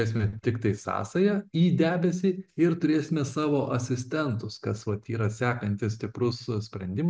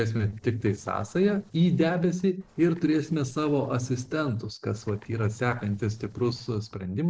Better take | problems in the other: first | noise reduction (neural separator model SepFormer DNS4)

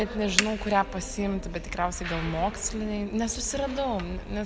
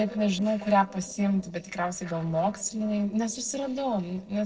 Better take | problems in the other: first | noise reduction (neural separator model SepFormer DNS4)

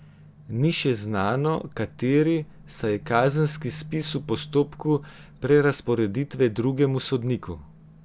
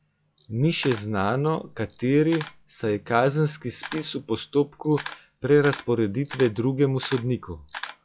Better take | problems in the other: first | noise reduction (classical method log-MMSE)

